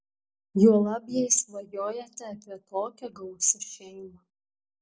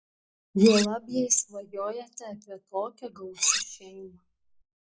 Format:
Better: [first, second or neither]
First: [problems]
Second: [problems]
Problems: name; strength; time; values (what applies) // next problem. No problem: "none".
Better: first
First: none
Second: noise reduction (classical method log-MMSE)